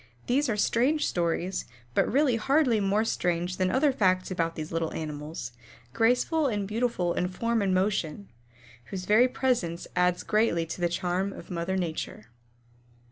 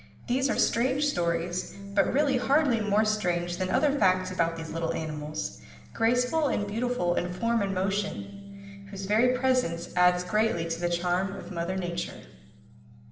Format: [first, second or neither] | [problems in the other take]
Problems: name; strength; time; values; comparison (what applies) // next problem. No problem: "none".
first | background sound (Bass guitar); 18 dB below the speech // room echo; dies away in 1 s